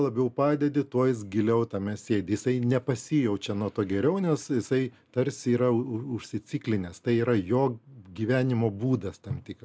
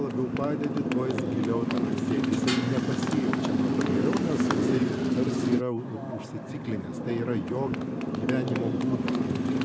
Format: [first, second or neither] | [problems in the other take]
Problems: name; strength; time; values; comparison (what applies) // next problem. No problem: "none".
first | background sound (Motorcycle); 4 dB above the speech